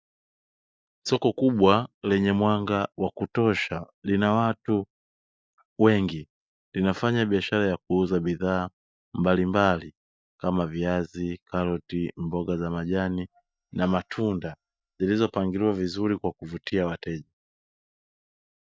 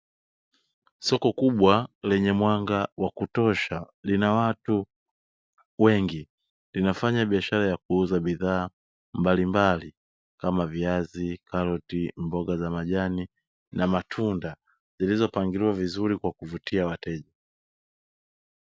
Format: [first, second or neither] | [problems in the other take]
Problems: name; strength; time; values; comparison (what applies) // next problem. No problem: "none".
second | noise reduction (neural mask model DeepFilterNet 3)